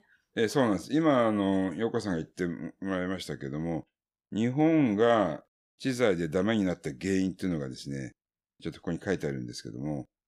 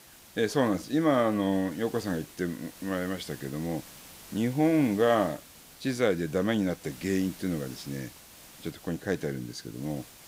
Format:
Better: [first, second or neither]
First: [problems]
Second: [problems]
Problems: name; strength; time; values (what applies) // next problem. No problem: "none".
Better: first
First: none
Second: hiss; noticeable; throughout; 20 dB below the speech